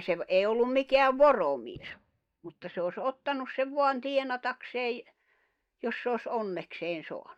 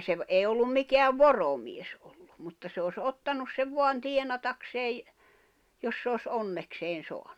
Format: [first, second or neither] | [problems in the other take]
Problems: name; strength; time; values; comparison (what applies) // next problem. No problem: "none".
second | noise reduction (neural mask model DeepFilterNet 3)